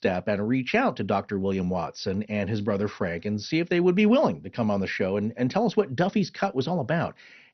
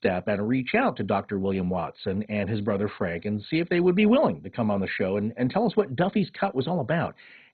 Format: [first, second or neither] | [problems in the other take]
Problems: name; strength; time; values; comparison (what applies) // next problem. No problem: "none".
first | garbled, watery; badly; nothing above 4 kHz; slightly in the first